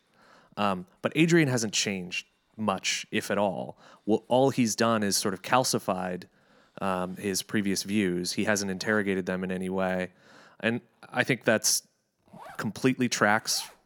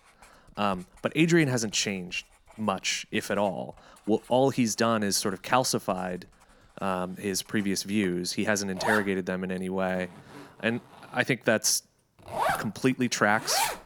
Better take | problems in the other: first | household noises; loud; throughout; 5 dB below the speech; faint in the first

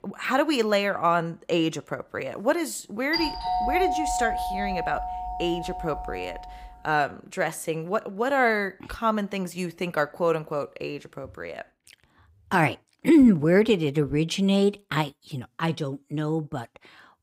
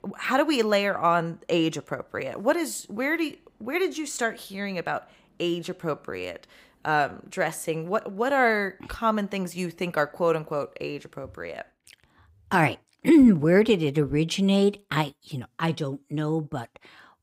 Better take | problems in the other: second | doorbell; loud; from 3 to 6.5 s; peak level with the speech

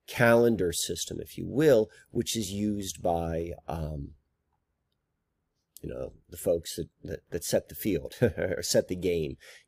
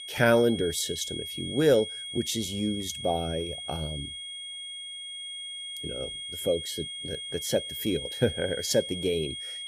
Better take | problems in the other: first | high-pitched whine; loud; throughout; 3.5 kHz, 7 dB below the speech

